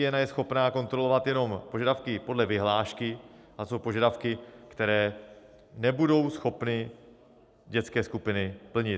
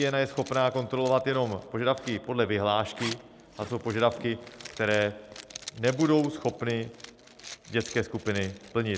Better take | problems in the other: first | background sound (Zipper (clothing)); 18 dB below the speech

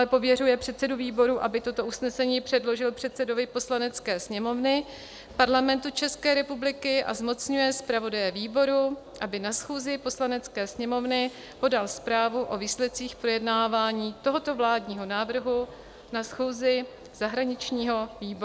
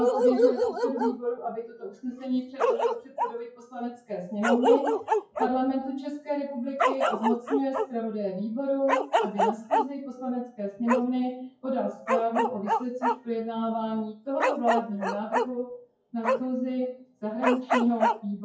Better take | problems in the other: first | noise reduction (classical method WPE with log-MMSE)

